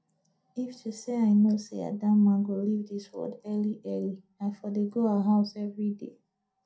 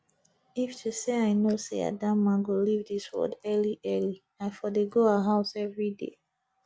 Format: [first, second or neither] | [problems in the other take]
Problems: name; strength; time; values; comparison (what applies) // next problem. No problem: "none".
second | room echo; dies away in 0.2 s